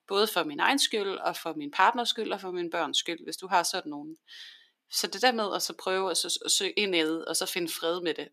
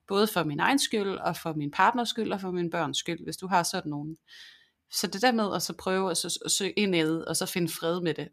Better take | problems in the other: second | thin; very slightly; fading below 300 Hz

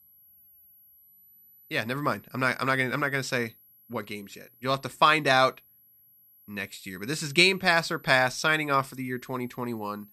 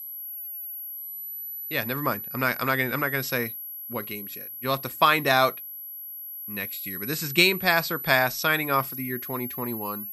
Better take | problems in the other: first | high-pitched whine; loud; throughout; 11.5 kHz, 9 dB below the speech; faint in the first

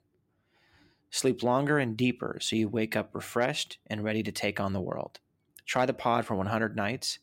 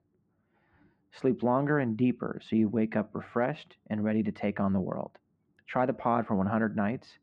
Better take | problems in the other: first | muffled; very; fading above 1.5 kHz

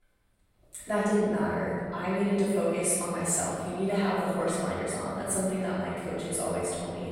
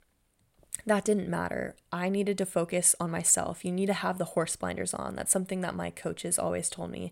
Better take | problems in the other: second | off-mic speech; far // room echo; strong; dies away in 2.1 s

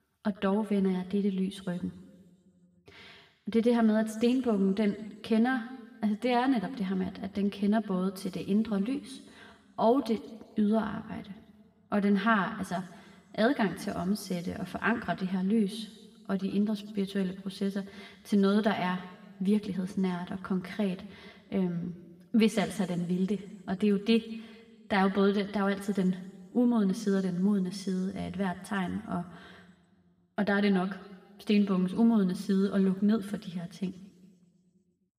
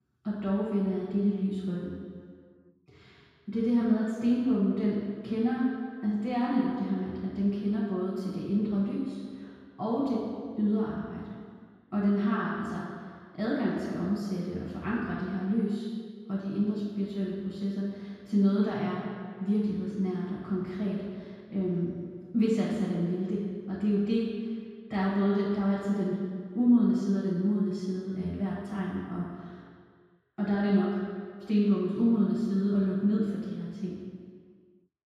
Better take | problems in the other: first | room echo; strong; dies away in 2 s; slight in the first // off-mic speech; far

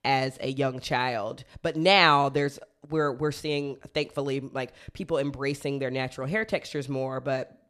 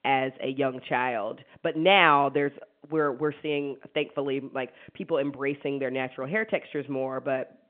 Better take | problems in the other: first | phone-call audio; nothing above 3 kHz

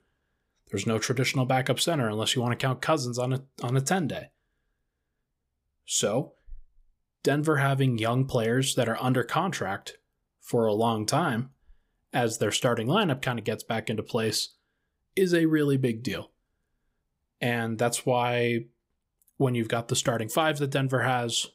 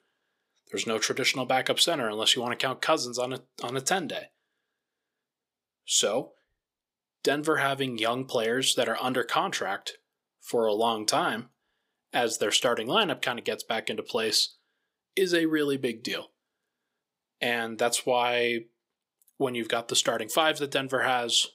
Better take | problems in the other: first | thin; somewhat; fading below 300 Hz

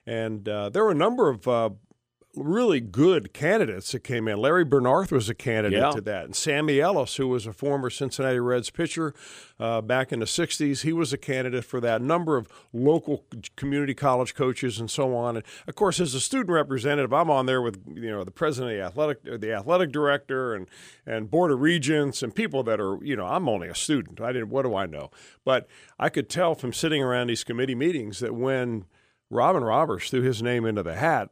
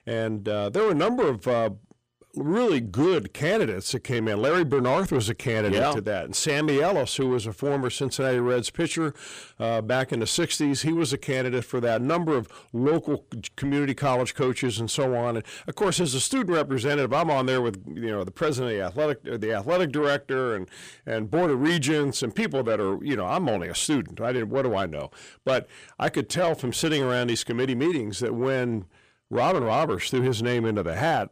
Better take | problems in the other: first | distortion; slight; 10 dB below the speech

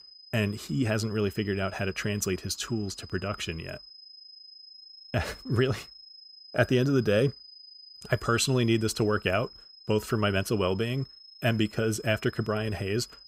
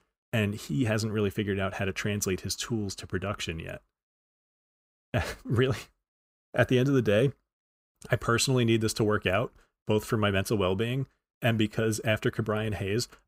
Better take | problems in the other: second | high-pitched whine; noticeable; throughout; 5 kHz, 20 dB below the speech

